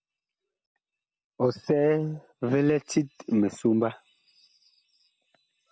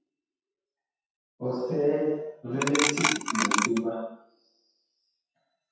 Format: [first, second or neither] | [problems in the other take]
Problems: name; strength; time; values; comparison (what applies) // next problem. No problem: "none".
first | noise reduction (classical method WPE with log-MMSE)